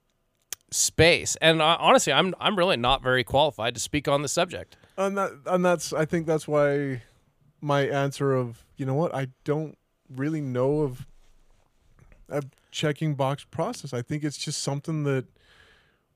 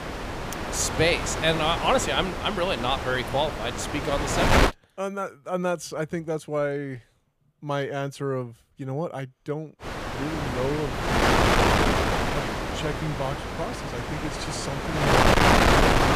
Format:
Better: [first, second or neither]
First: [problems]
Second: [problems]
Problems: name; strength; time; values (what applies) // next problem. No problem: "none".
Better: first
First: none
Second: wind noise on the microphone; heavy; until 4.5 s and from 10 s on; 4 dB above the speech